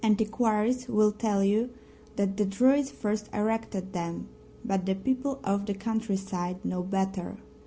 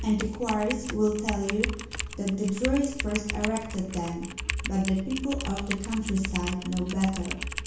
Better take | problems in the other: first | background sound (Typing); 6 dB below the speech // room echo; dies away in 0.6 s

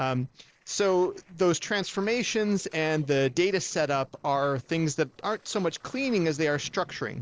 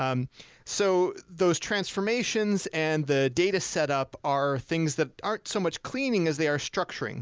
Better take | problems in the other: second | noise reduction (neural separator model SepFormer DNS4)

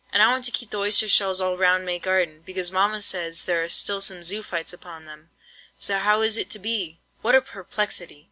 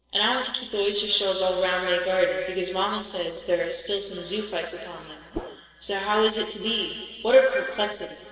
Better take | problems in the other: first | noise reduction (neural separator model SepFormer DNS4)

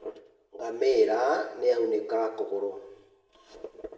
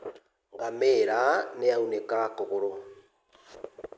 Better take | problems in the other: second | room echo; dies away in 0.7 s

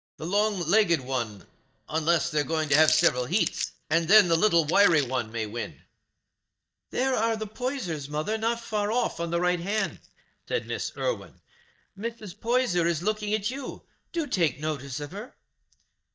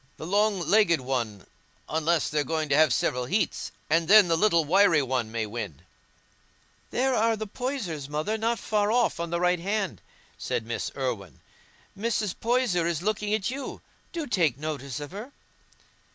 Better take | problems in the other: second | noise reduction (neural mask model DeepFilterNet 3)

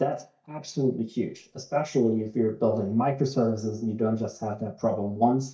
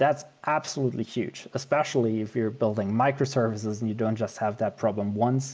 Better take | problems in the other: second | noise reduction (neural mask model DeepFilterNet 3)

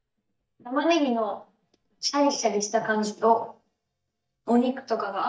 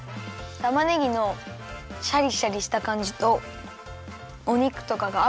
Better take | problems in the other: second | noise reduction (neural mask model DeepFilterNet 3)

